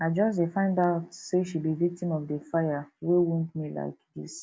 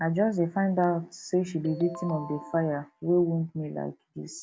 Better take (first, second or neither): first